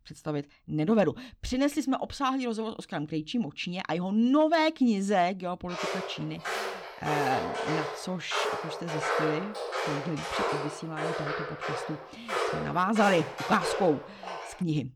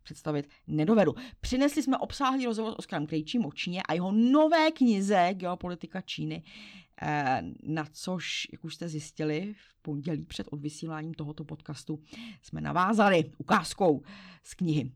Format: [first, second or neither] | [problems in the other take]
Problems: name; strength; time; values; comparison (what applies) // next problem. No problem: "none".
second | footsteps; loud; from 5.5 s on; peak 1 dB above the speech